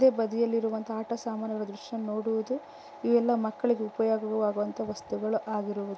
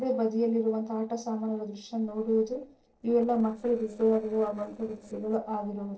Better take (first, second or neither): first